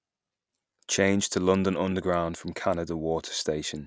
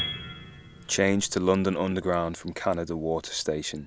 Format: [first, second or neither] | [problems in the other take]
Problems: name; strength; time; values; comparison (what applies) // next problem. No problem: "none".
first | background sound (Piano); 14 dB below the speech